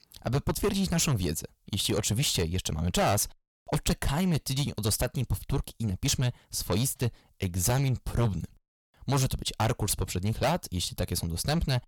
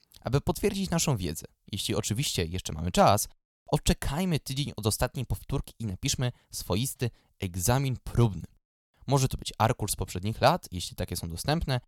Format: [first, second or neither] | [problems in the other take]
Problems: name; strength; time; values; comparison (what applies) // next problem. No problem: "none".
second | distortion; heavy; 6 dB below the speech